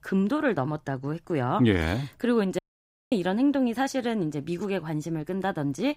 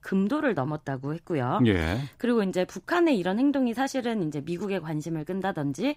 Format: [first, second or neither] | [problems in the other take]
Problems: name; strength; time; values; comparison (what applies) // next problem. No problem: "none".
second | audio cutting out; at 2.5 s for 0.5 s